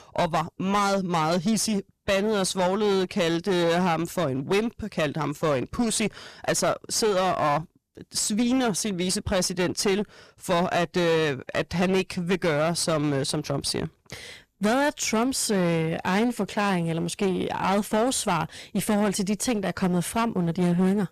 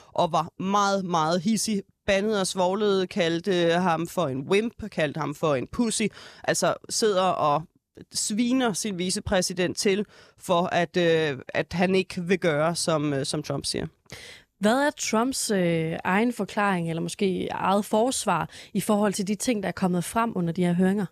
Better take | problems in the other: second | distortion; slight; 14% of the sound clipped

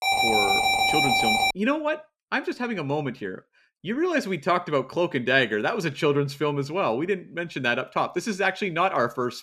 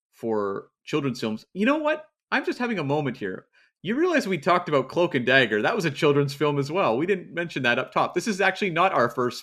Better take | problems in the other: second | alarm; loud; until 1.5 s; peak 6 dB above the speech

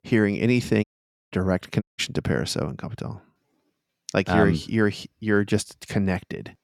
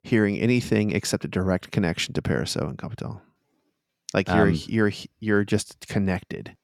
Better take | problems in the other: second | audio cutting out; at 1 s and at 2 s

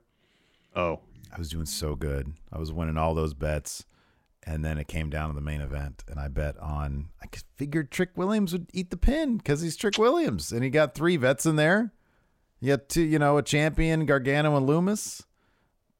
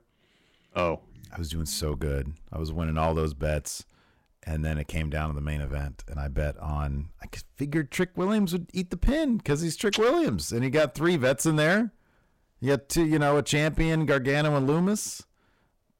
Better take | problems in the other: first | distortion; slight; 4% of the sound clipped

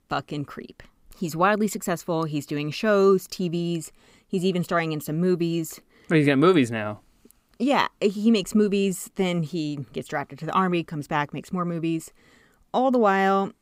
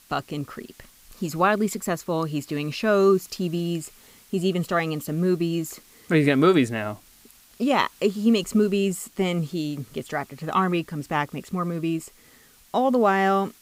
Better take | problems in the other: first | hiss; faint; throughout; 25 dB below the speech

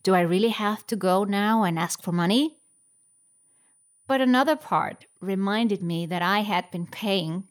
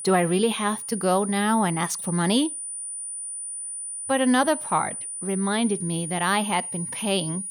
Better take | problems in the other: first | high-pitched whine; loud; throughout; 9.5 kHz, 7 dB below the speech; faint in the first

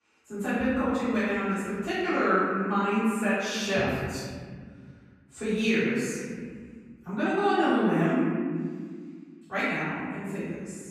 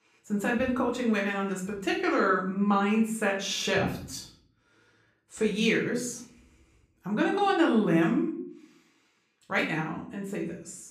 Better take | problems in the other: second | room echo; strong; dies away in 2.2 s; slight in the second // off-mic speech; far; far in the second

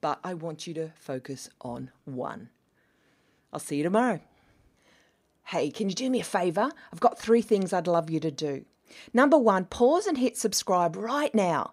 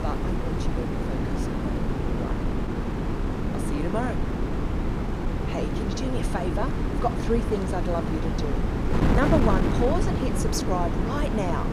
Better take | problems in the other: first | wind noise on the microphone; heavy; 2 dB below the speech

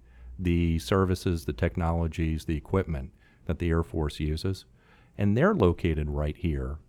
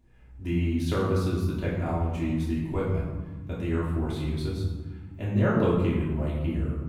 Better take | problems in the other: first | off-mic speech; far // room echo; noticeable; dies away in 1.2 s

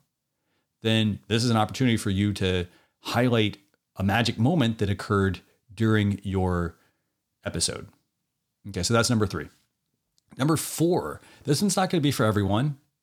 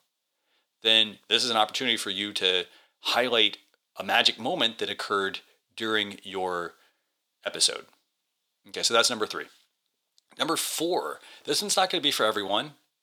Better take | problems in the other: first | thin; very; fading below 550 Hz

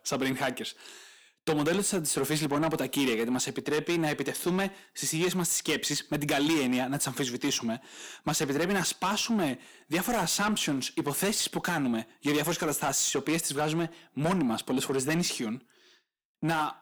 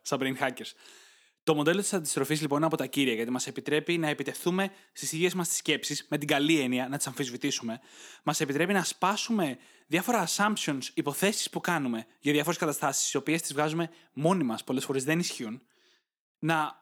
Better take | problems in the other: second | distortion; heavy; 8 dB below the speech

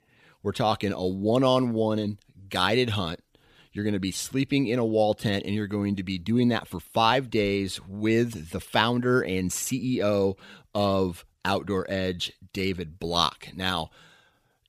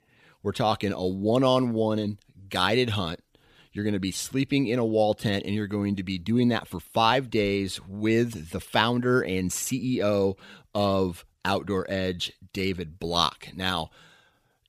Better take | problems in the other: neither | none

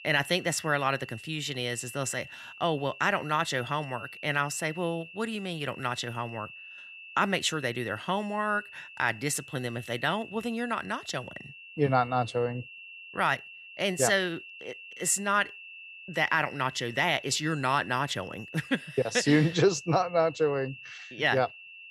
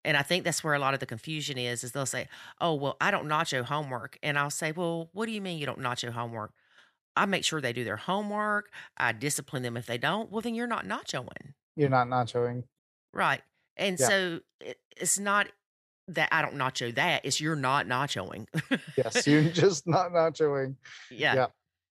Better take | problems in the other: second | high-pitched whine; noticeable; throughout; 2.5 kHz, 15 dB below the speech

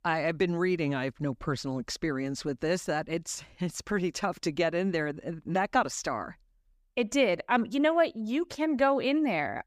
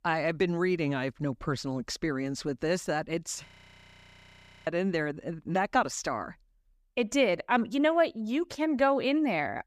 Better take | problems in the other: first | audio freezing; at 3.5 s for 1 s

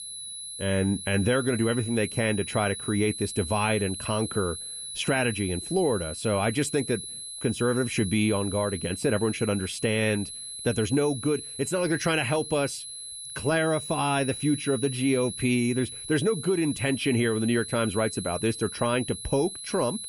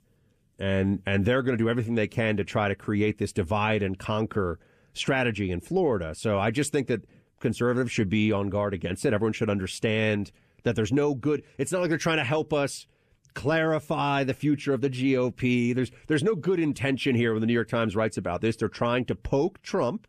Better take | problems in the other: second | high-pitched whine; loud; throughout; 10.5 kHz, 8 dB below the speech

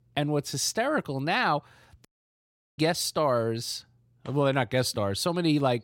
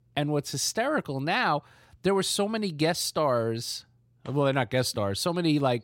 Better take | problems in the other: second | audio cutting out; at 2 s for 0.5 s

